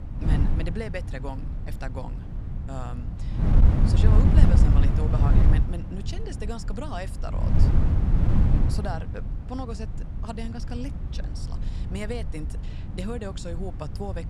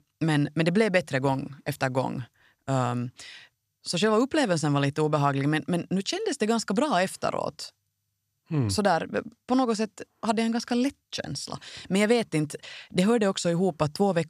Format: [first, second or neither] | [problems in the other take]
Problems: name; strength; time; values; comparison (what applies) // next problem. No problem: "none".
second | wind noise on the microphone; heavy; as loud as the speech